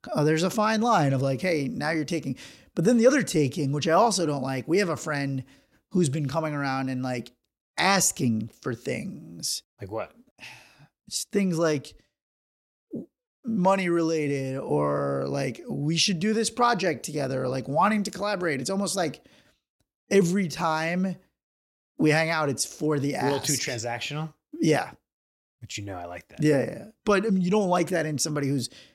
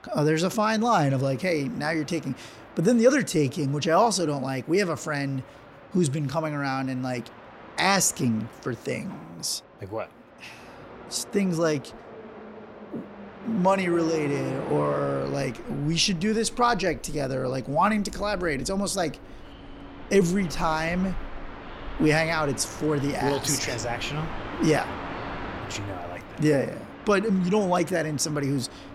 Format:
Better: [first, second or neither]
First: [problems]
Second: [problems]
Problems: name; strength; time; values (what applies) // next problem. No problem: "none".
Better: first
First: none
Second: train or aircraft noise; noticeable; throughout; 15 dB below the speech